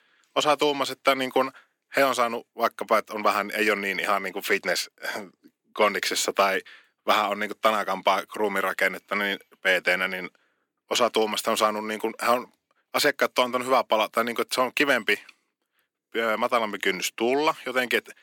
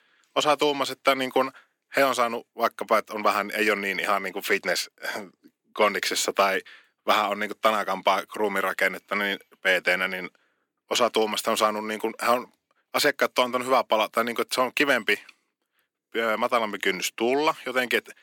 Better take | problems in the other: neither | thin; somewhat; fading below 300 Hz; the same in both

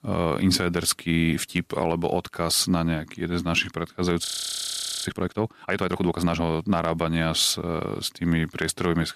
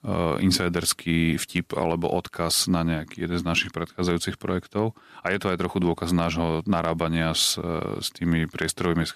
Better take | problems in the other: second | audio freezing; at 4.5 s for 1 s

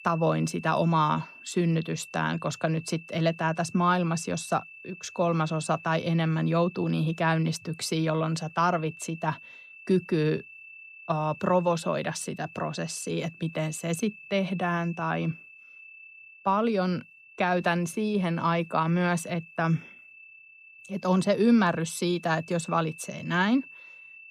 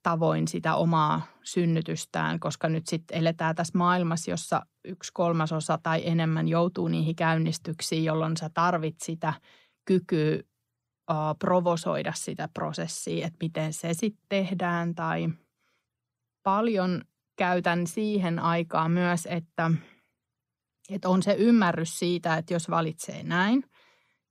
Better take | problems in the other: second | high-pitched whine; noticeable; throughout; 2.5 kHz, 20 dB below the speech

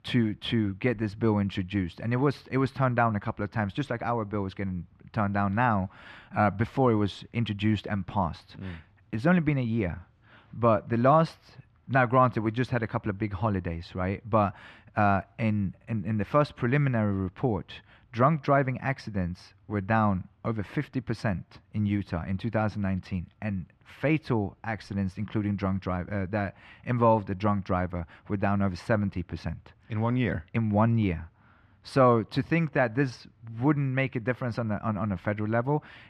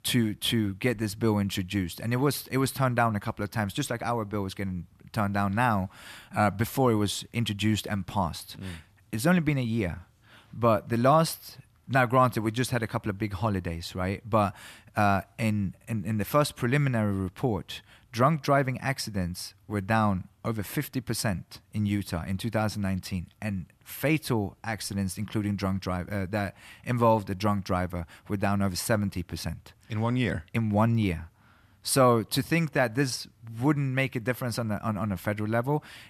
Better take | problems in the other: second | muffled; slightly; fading above 2.5 kHz

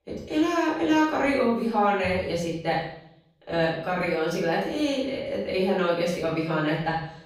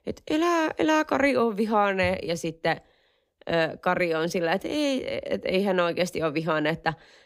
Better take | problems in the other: second | room echo; noticeable; dies away in 0.7 s // off-mic speech; far

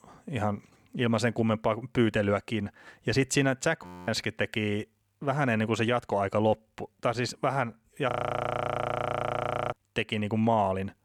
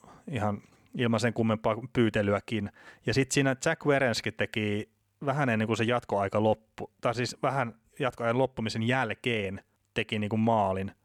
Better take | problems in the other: second | audio freezing; at 4 s and at 8 s for 1.5 s

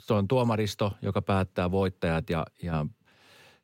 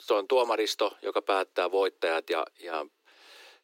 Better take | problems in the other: first | thin; very; fading below 300 Hz

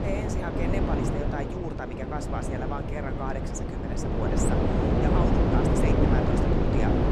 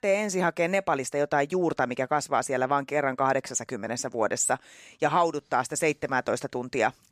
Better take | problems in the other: second | wind noise on the microphone; heavy; 5 dB above the speech

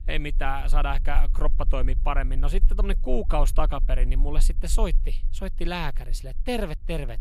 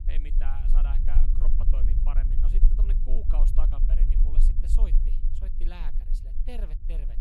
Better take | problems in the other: first | low rumble; loud; throughout; 3 dB below the speech; faint in the first

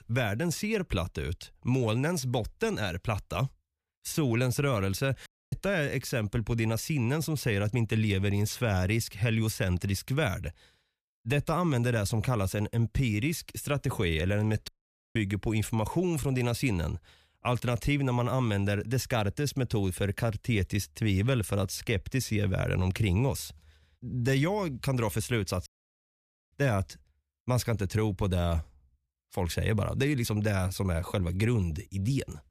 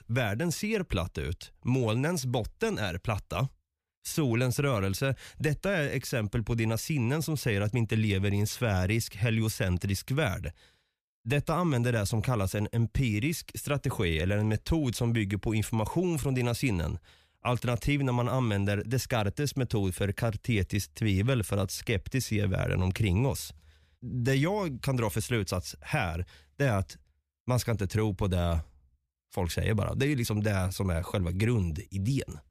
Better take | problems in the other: second | audio cutting out; at 5.5 s, at 15 s and at 26 s for 1 s

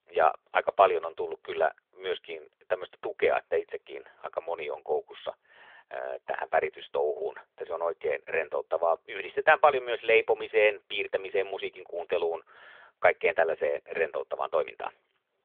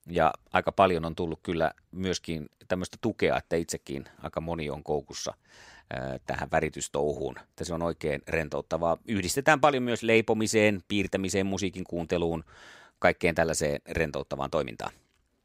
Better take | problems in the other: second | phone-call audio; nothing above 3.5 kHz

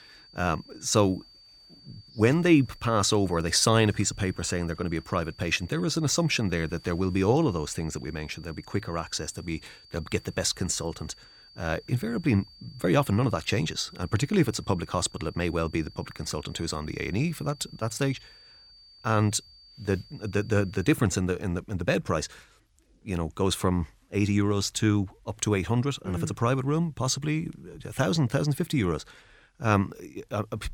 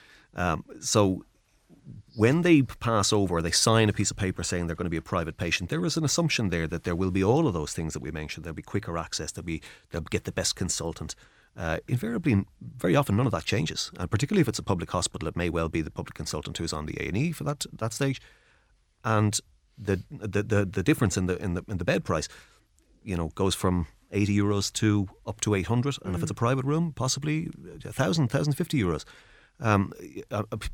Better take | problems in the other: second | high-pitched whine; faint; until 21 s; 4.5 kHz, 25 dB below the speech

